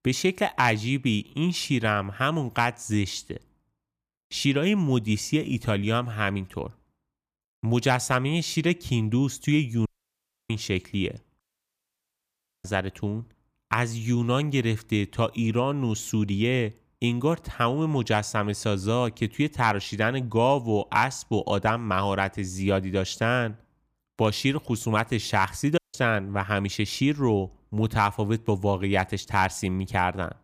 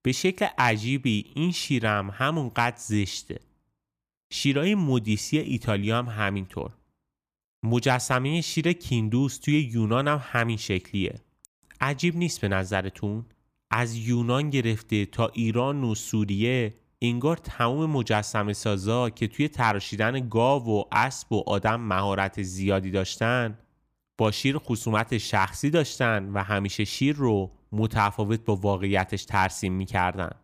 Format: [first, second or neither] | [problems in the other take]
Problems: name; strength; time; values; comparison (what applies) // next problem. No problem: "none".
second | audio cutting out; at 10 s for 0.5 s, at 11 s for 1 s and at 26 s